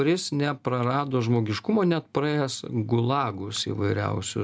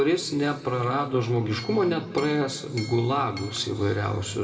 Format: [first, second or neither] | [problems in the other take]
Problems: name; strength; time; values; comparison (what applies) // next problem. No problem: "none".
first | background sound (Chink, clink); 18 dB below the speech // room echo; dies away in 1.9 s